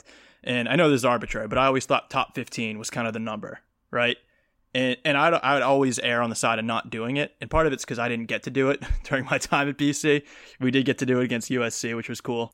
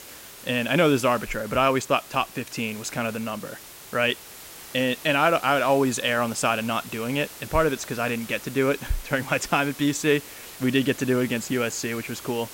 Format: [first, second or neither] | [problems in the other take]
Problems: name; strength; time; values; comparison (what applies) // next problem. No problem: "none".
first | hiss; noticeable; throughout; 15 dB below the speech